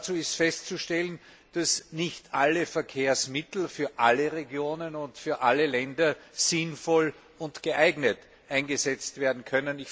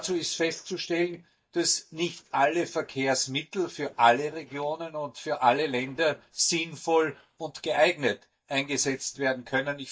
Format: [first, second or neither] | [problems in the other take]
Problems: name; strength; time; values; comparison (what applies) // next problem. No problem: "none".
first | noise reduction (neural mask model DeepFilterNet 3)